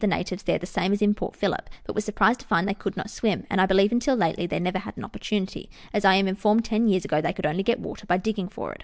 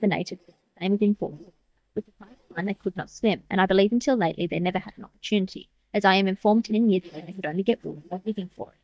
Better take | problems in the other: first | noise reduction (neural mask model DeepFilterNet 3)

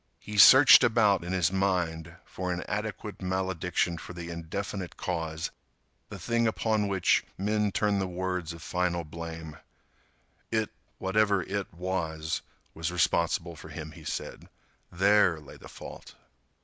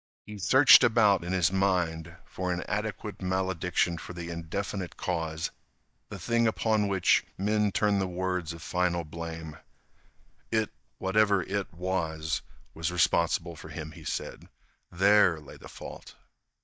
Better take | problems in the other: first | noise reduction (neural mask model DeepFilterNet 3)

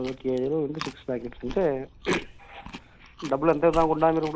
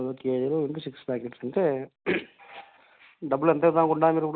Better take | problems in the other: second | background sound (Chewing, mastication); 14 dB below the speech

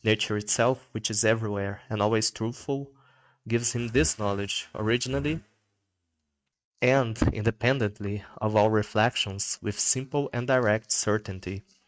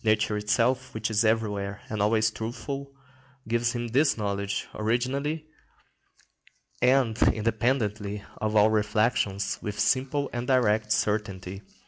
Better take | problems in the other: second | noise reduction (neural mask model RNNoise)

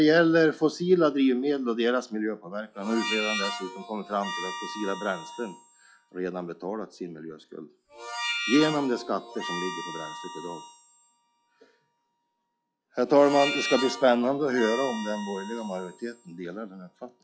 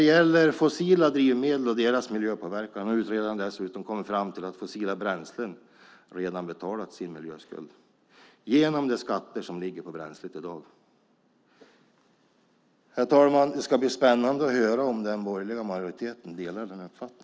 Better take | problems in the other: second | noise reduction (classical method log-MMSE)

